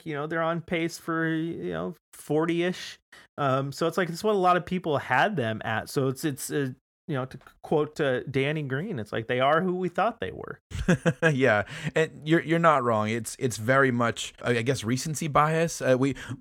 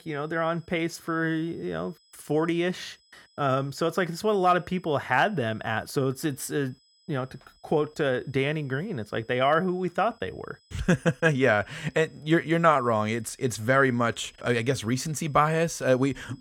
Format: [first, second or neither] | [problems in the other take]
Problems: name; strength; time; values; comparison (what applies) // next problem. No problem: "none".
first | high-pitched whine; faint; throughout; 5 kHz, 35 dB below the speech